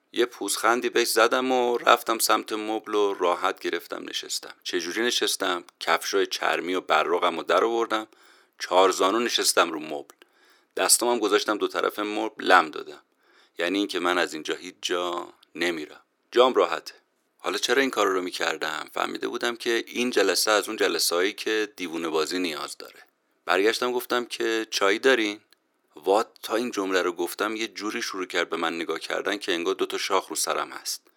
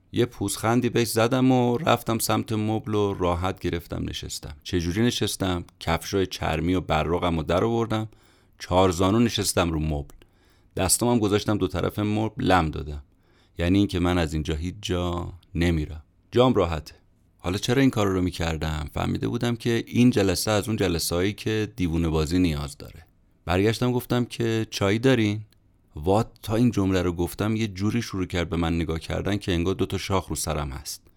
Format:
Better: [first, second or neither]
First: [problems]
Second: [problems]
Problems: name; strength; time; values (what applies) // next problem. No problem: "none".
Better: second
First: thin; very; fading below 350 Hz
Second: none